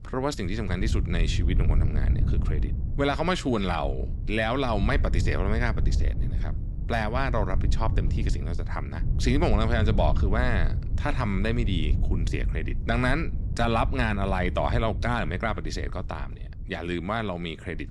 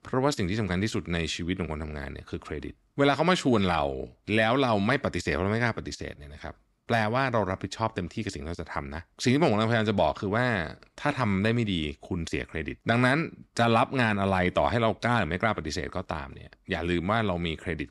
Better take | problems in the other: second | wind noise on the microphone; occasional gusts; 15 dB below the speech

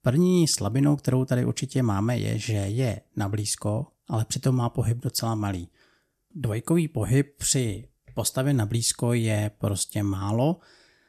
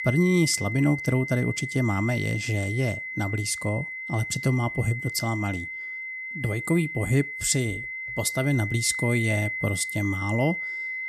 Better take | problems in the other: first | high-pitched whine; loud; throughout; 2 kHz, 5 dB below the speech

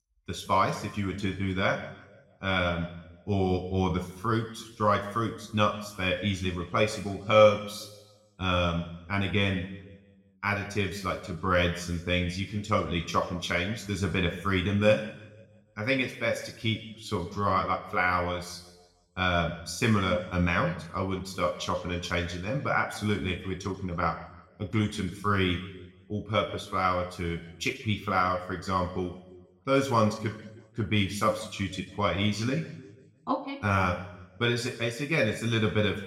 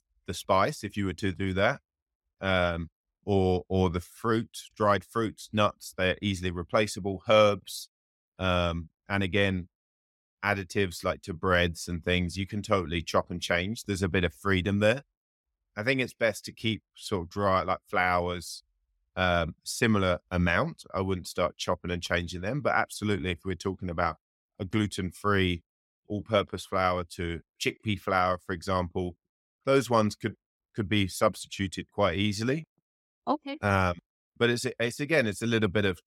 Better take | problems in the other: second | room echo; slight; dies away in 0.9 s // off-mic speech; somewhat distant

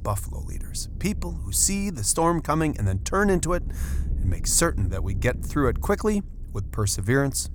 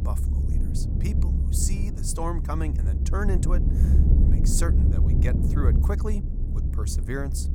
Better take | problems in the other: first | low rumble; loud; throughout; 4 dB below the speech; faint in the first

